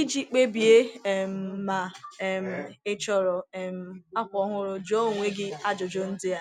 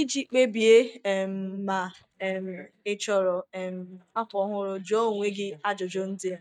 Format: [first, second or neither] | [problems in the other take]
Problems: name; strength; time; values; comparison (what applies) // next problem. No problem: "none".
first | noise reduction (neural mask model DeepFilterNet 3)